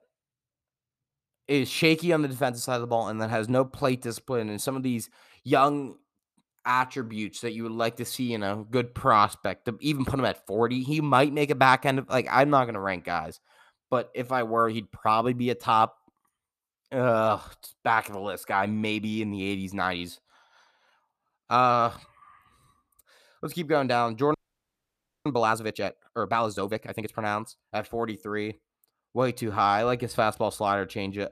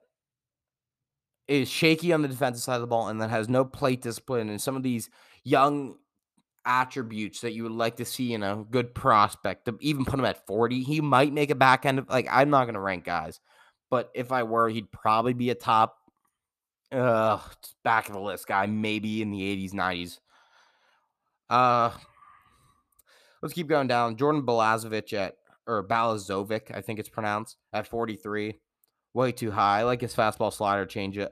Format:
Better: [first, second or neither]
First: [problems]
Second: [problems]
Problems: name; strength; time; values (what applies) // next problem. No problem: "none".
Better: second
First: audio freezing; at 24 s for 1 s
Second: none